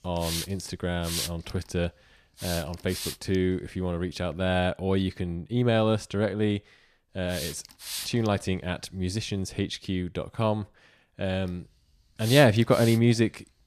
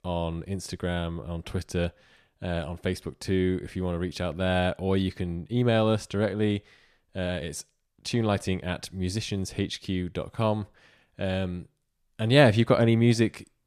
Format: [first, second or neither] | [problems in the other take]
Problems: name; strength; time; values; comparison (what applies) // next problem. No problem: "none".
second | hiss; loud; until 4.5 s, from 7 to 10 s and from 11 s on; 8 dB below the speech